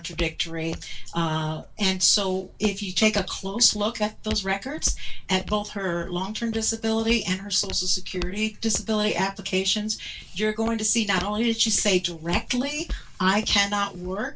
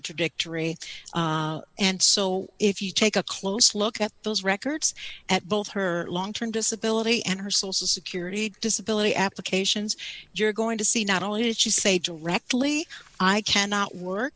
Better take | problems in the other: second | background sound (Walk, footsteps); 14 dB below the speech // room echo; dies away in 0.2 s

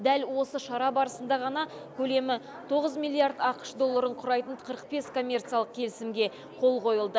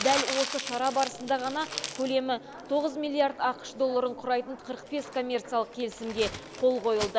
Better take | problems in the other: first | background sound (Crumpling, crinkling); 10 dB below the speech

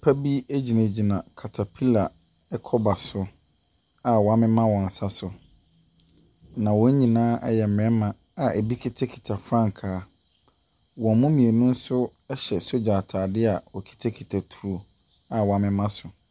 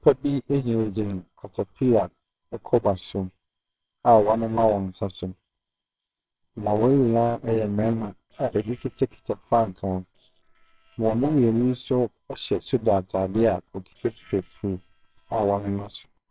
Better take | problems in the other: first | noise reduction (neural separator model SepFormer WHAMR!)

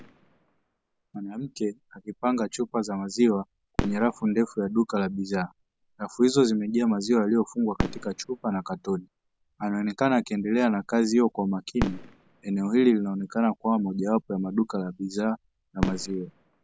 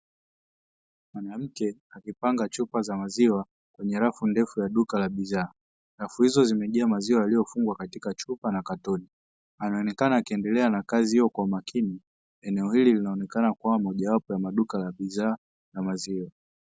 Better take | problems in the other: second | background sound (Fireworks); 13 dB below the speech

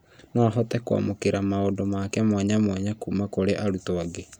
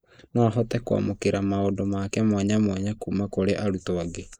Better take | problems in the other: first | noise reduction (neural mask model Resemble Enhance denoiser)

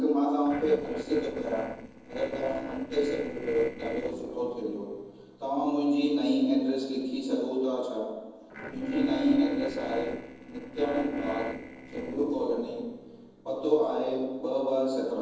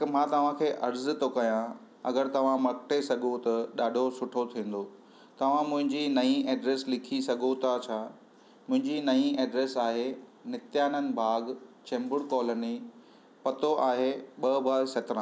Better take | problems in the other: second | noise reduction (neural separator model SepFormer DNS4)

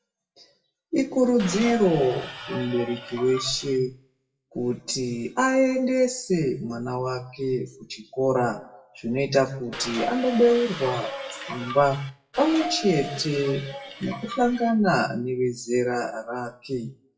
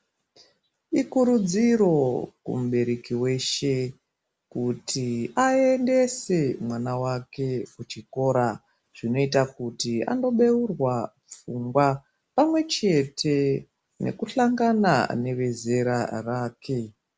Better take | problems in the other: second | noise reduction (classical method WPE with log-MMSE)

